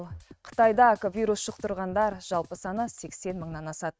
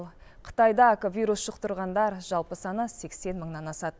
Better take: second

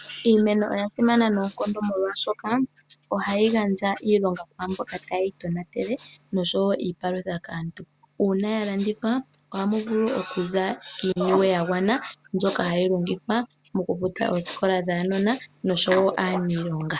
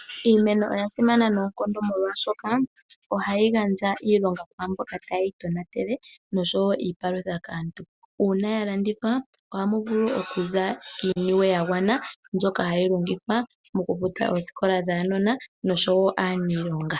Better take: second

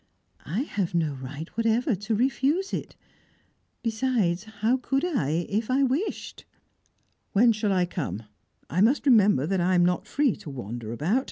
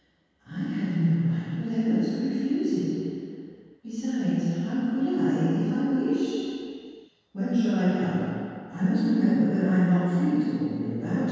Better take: first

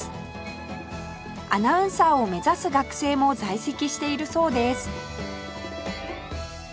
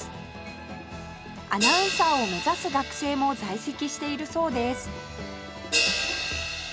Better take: first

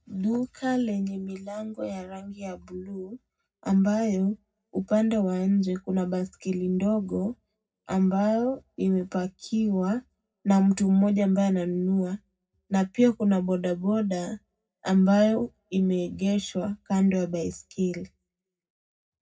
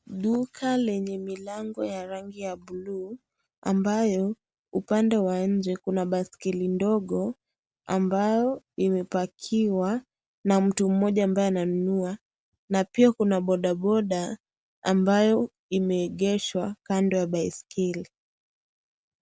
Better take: second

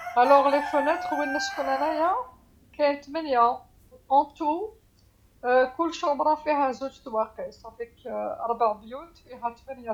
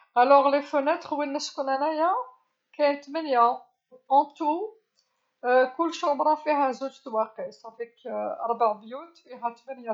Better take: second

